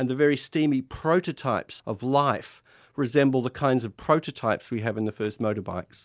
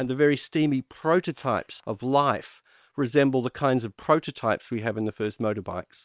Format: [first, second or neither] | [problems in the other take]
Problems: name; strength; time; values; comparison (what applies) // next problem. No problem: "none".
first | noise reduction (neural separator model SepFormer WHAM!)